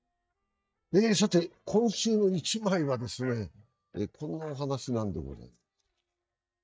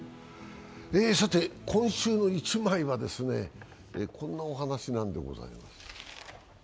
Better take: second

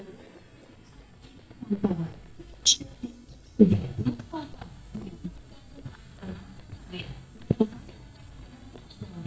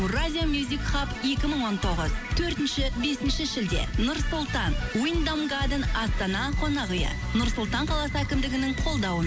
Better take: second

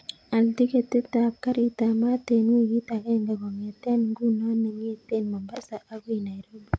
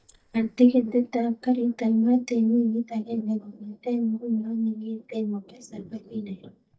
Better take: first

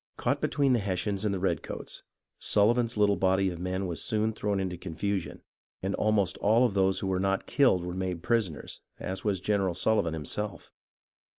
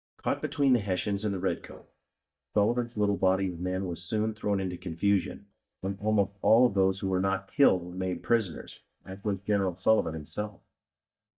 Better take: first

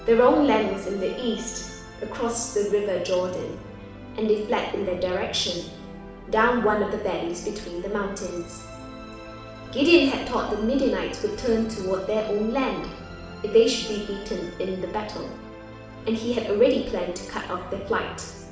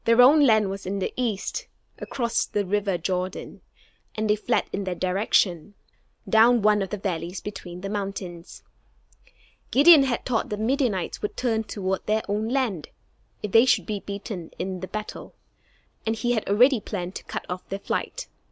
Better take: second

